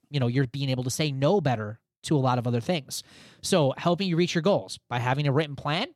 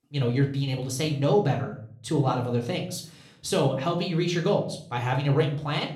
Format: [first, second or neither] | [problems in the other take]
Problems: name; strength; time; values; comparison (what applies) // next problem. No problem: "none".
first | room echo; slight; dies away in 0.5 s // off-mic speech; somewhat distant